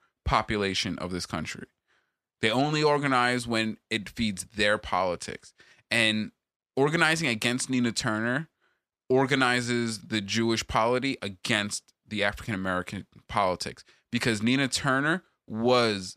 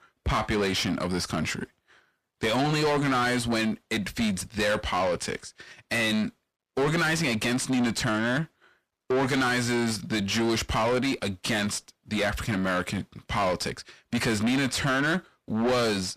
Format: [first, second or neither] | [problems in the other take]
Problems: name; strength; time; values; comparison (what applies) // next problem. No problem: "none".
first | distortion; heavy; 6 dB below the speech